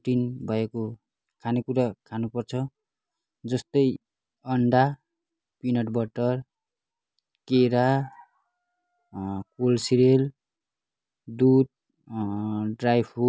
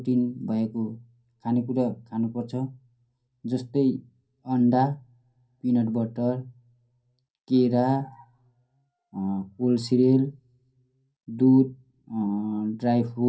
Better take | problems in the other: first | room echo; dies away in 0.3 s

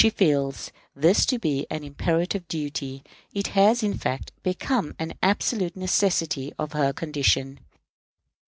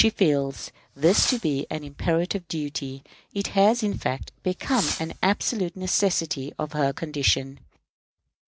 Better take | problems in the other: first | background sound (Fireworks); 9 dB below the speech

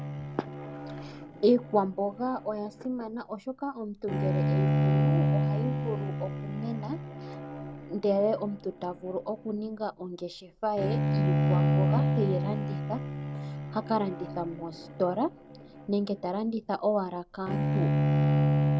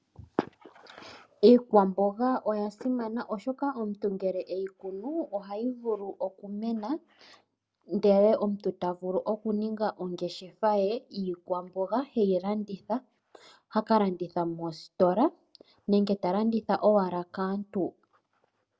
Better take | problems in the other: second | background sound (Bowed string instrument); 2 dB above the speech

